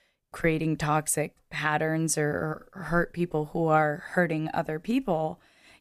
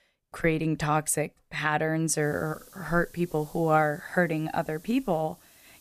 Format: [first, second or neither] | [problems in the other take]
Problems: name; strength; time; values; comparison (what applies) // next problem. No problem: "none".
first | hiss; faint; from 2 s on; 25 dB below the speech